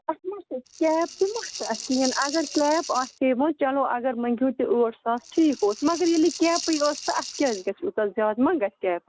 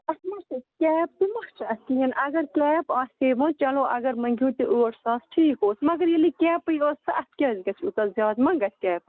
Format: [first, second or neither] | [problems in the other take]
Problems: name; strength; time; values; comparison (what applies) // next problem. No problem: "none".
second | background sound (Rattle (instrument)); 11 dB below the speech